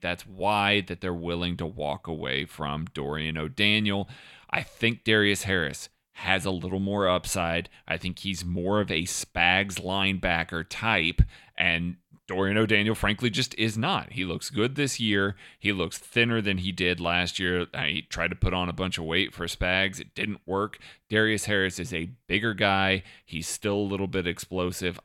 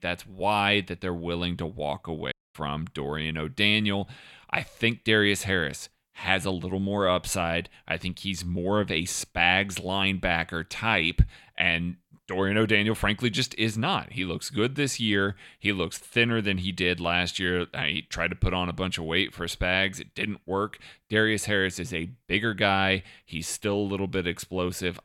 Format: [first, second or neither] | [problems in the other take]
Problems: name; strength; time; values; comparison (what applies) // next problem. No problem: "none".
first | audio cutting out; at 2.5 s